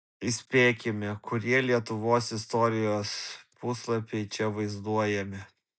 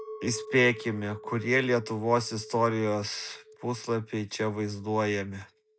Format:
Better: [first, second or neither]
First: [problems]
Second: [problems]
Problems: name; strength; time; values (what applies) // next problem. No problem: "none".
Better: first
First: none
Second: background sound (Chink, clink); 17 dB below the speech